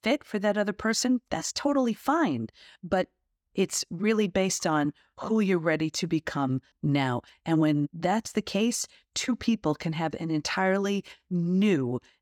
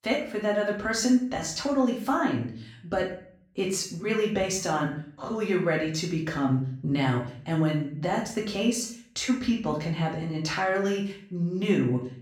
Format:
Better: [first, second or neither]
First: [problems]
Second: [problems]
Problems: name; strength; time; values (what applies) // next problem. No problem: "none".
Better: first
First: none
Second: room echo; slight; dies away in 0.5 s // off-mic speech; far